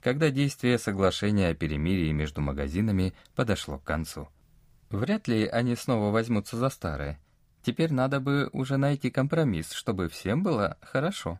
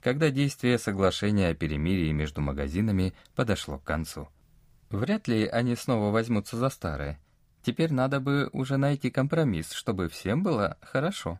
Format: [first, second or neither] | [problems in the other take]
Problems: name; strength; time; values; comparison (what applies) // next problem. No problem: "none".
neither | none